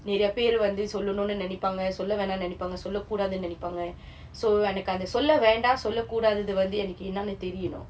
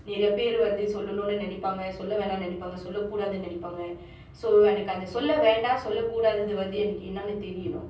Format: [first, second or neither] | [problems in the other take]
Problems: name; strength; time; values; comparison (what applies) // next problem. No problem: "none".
first | room echo; dies away in 0.6 s